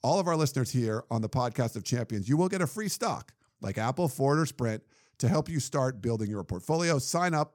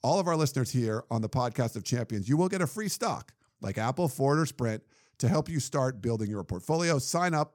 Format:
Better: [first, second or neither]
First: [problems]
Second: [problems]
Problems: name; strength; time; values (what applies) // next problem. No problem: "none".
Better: neither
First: none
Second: none